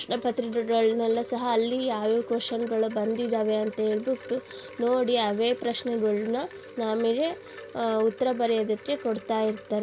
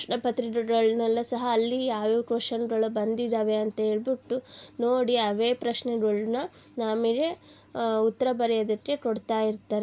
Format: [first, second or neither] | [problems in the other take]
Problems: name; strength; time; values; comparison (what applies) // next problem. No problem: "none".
second | background sound (Wind chime); 17 dB below the speech